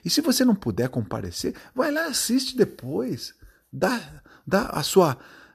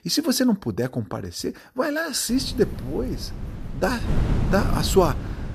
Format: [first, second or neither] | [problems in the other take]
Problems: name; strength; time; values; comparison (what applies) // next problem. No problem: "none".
first | wind noise on the microphone; occasional gusts; from 2.5 s on; 10 dB below the speech